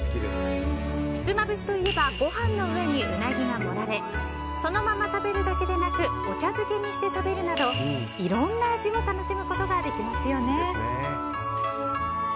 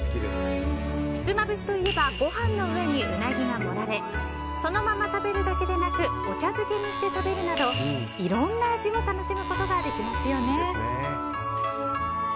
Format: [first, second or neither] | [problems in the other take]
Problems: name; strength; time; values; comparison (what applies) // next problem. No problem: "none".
first | background sound (Alarm); 17 dB below the speech